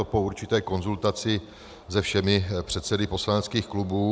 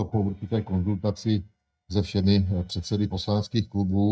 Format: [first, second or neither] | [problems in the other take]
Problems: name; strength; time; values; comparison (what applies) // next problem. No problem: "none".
first | noise reduction (neural mask model DeepFilterNet 3)